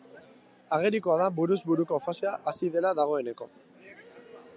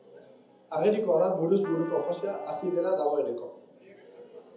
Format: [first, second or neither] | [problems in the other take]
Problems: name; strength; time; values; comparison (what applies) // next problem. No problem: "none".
first | background sound (Trumpet); 19 dB below the speech // room echo; dies away in 0.7 s